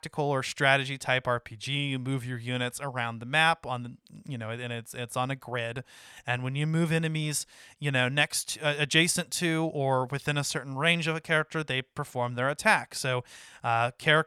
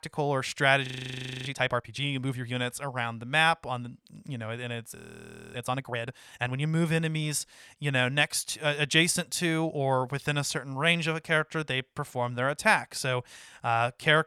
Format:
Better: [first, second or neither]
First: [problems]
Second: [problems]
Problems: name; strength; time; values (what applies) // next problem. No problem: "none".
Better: first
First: none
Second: audio freezing; at 1 s for 0.5 s and at 5 s for 0.5 s